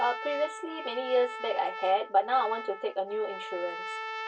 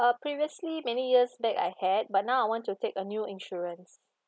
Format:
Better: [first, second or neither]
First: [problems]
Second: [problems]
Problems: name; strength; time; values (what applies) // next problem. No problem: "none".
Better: second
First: background sound (Trumpet); 9 dB below the speech // room echo; dies away in 0.1 s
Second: none